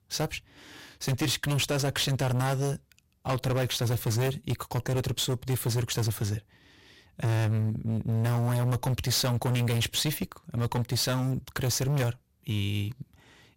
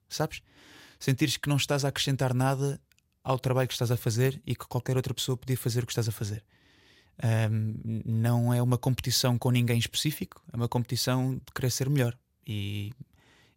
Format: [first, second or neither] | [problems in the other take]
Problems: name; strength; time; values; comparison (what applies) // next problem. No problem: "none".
second | distortion; heavy; 20% of the sound clipped